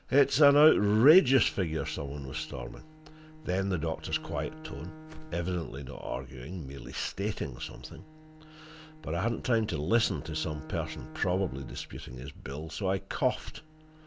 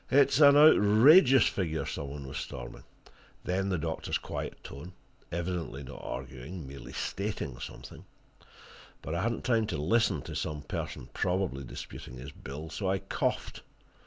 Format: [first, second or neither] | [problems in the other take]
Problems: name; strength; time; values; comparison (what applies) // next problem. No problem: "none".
second | background sound (Bowed string instrument + Whoosh, swoosh, swish); 20 dB below the speech